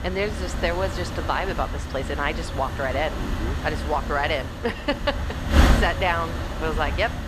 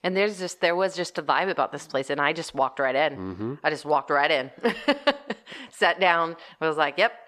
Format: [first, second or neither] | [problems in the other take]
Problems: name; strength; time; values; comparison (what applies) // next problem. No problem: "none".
second | wind noise on the microphone; heavy; 6 dB below the speech